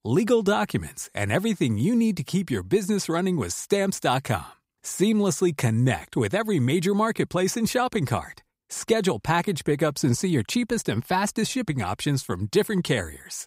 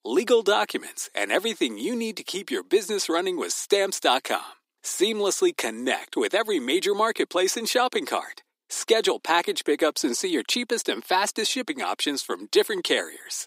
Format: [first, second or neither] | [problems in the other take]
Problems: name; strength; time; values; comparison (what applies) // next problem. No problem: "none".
first | thin; somewhat; fading below 300 Hz